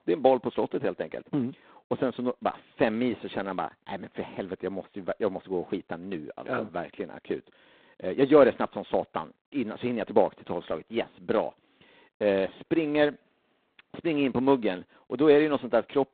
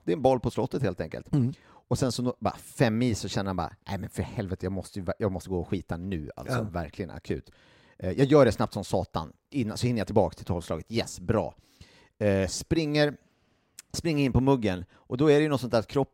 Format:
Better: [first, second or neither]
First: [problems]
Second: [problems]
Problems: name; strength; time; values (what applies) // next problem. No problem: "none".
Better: second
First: phone-call audio; poor line; nothing above 4 kHz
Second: none